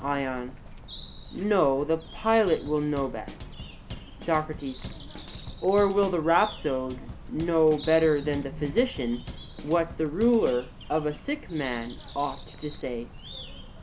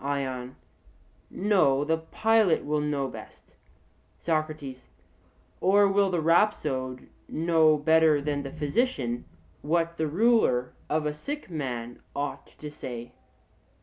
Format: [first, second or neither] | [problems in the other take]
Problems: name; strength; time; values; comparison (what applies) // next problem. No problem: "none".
second | background sound (Drum kit + Bird); 13 dB below the speech